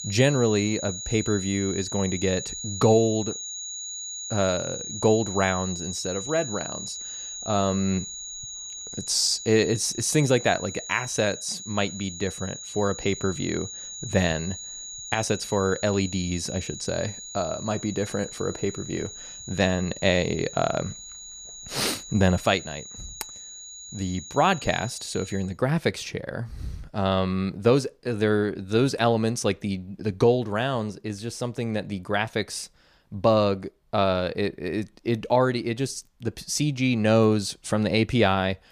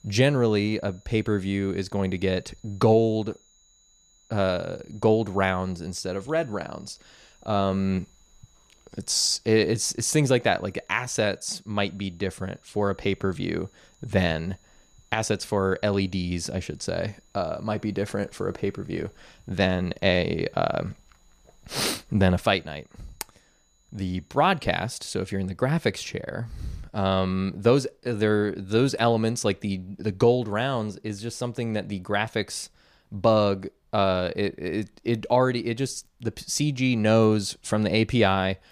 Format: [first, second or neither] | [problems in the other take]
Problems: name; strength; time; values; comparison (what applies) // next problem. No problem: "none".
second | high-pitched whine; loud; until 25 s; 7 kHz, 9 dB below the speech; faint in the second